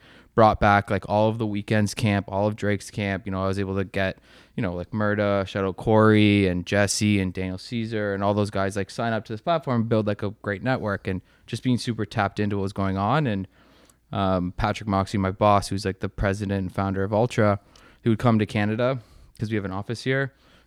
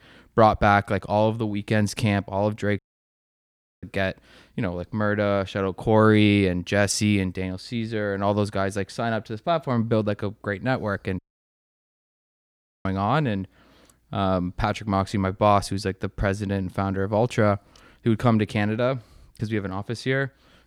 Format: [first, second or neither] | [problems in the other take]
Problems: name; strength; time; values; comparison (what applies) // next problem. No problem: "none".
first | audio cutting out; at 3 s for 1 s and at 11 s for 1.5 s